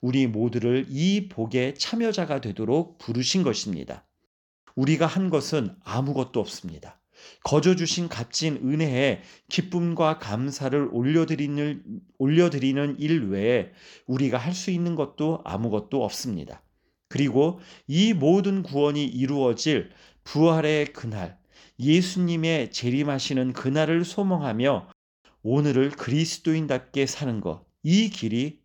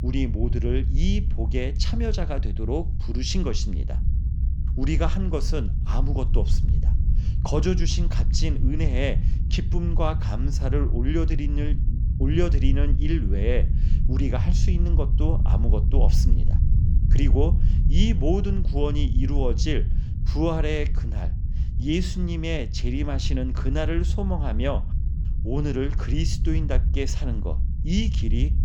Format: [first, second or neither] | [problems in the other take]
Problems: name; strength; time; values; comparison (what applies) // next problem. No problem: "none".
first | low rumble; noticeable; throughout; 10 dB below the speech